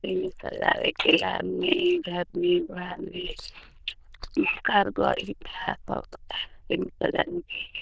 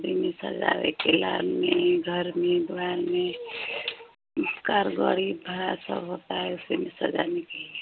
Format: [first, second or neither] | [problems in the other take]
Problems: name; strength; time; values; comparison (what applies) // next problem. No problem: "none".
second | noise reduction (neural diffusion model UNIVERSE++)